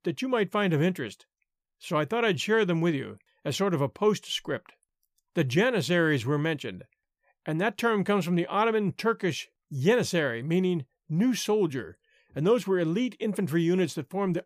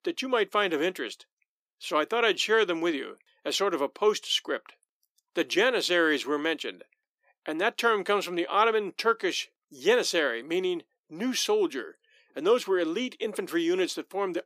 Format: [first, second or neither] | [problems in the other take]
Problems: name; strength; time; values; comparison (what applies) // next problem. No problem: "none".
first | thin; somewhat; fading below 300 Hz